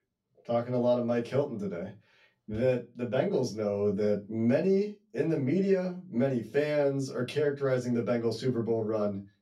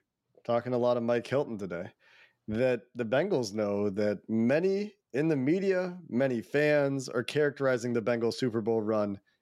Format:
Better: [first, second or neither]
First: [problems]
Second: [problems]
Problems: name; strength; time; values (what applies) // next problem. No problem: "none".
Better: second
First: off-mic speech; far // room echo; very slight; dies away in 0.2 s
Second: none